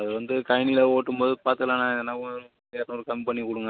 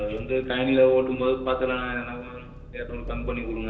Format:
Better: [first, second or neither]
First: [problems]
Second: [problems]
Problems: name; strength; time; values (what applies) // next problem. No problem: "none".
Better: first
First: none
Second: background sound (Engine); 12 dB below the speech // room echo; dies away in 1.4 s